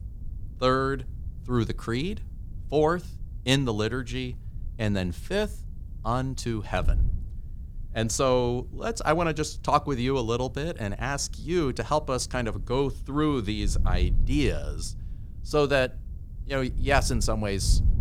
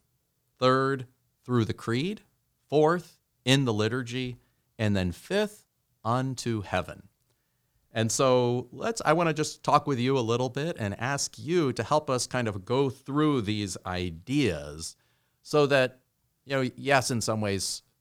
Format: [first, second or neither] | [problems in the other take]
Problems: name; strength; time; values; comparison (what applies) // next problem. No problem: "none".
second | wind noise on the microphone; occasional gusts; 25 dB below the speech